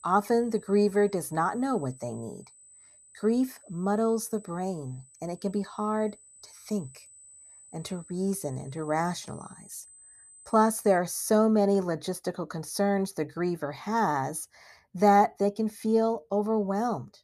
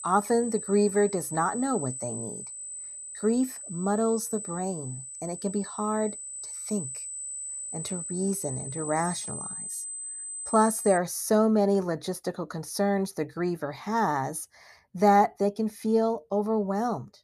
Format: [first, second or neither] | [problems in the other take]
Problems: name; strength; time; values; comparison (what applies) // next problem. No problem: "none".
first | high-pitched whine; loud; until 11 s; 8 kHz, 8 dB below the speech; faint in the first